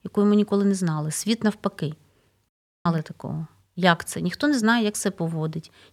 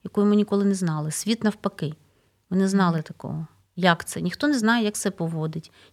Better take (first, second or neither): second